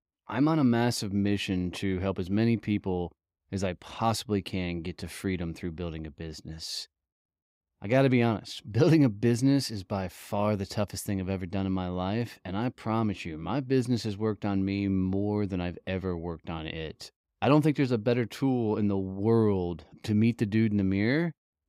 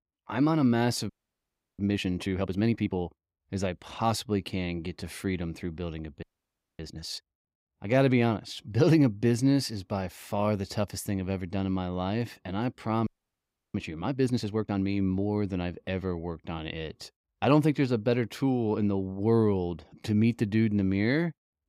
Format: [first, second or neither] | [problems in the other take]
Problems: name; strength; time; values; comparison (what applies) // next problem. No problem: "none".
first | audio freezing; at 1 s for 0.5 s, at 6 s for 0.5 s and at 13 s for 0.5 s